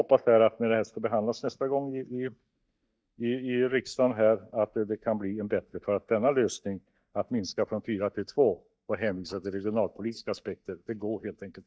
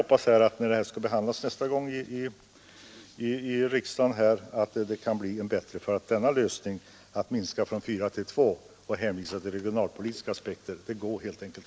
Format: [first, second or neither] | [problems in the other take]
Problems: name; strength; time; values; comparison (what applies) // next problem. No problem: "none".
second | noise reduction (neural mask model DeepFilterNet 3)